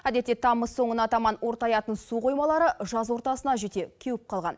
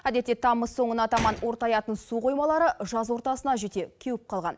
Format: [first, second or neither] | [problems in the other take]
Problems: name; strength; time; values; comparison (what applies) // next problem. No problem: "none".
first | background sound (Gunshot, gunfire); 13 dB below the speech